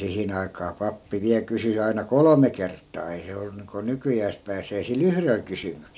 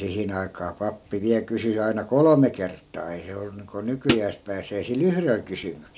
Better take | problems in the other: first | background sound (Hi-hat); as loud as the speech

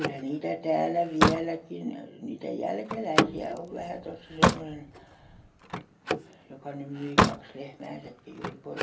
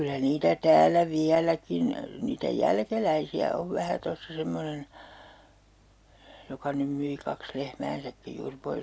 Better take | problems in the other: second | background sound (Slam); 3 dB above the speech // room echo; dies away in 0.3 s

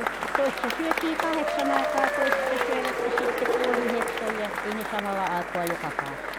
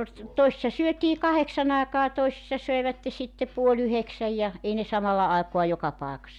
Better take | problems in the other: second | background sound (Applause / Crowd / Cheering); 3 dB above the speech

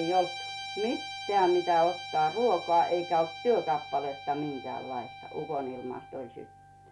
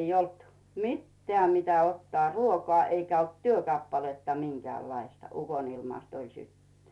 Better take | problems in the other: second | background sound (Guitar); 12 dB below the speech

